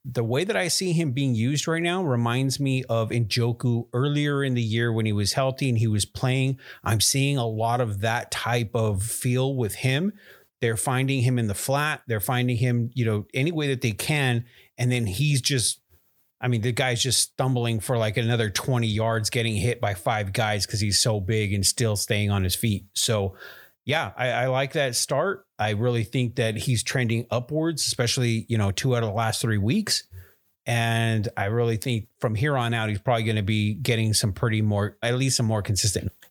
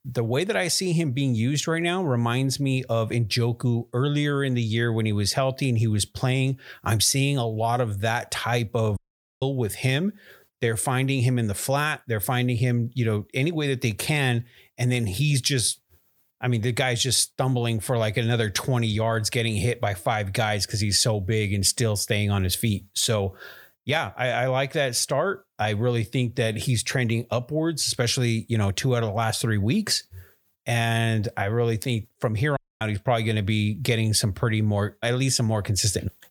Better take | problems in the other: first | audio cutting out; at 9 s and at 33 s

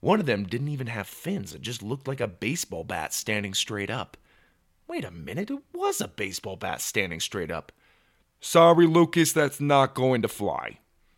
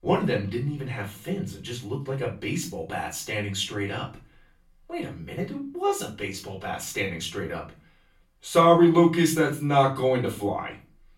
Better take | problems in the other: first | off-mic speech; far // room echo; slight; dies away in 0.3 s

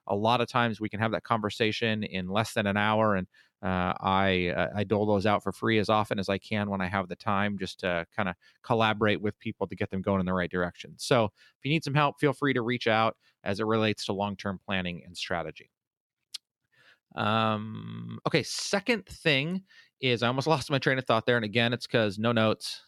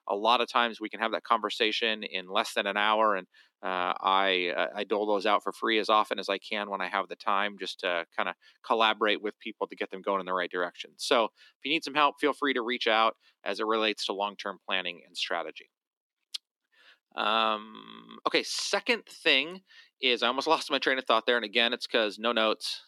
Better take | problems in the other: first | thin; somewhat; fading below 250 Hz

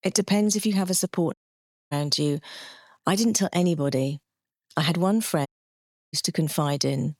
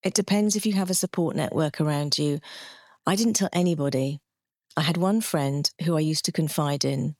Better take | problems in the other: second | audio cutting out; at 1.5 s for 0.5 s and at 5.5 s for 0.5 s

